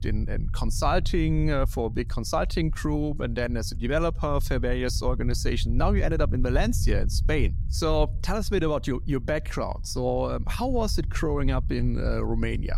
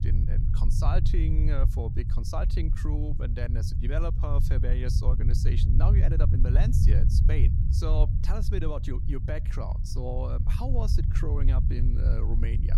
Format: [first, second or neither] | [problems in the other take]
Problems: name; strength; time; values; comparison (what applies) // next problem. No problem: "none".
first | low rumble; loud; throughout; 4 dB below the speech; faint in the first